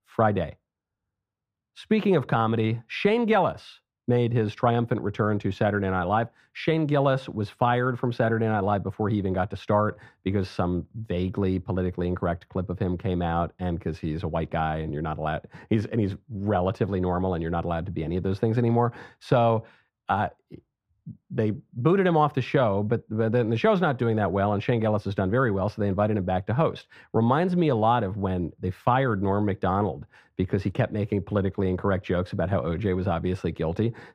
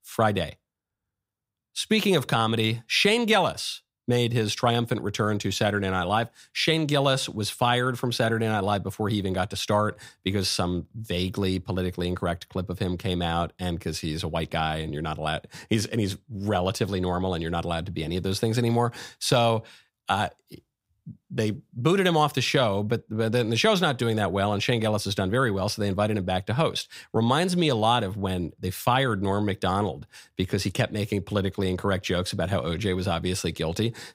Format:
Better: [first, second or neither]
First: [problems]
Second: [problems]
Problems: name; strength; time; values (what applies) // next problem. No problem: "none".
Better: second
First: muffled; very; fading above 3 kHz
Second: none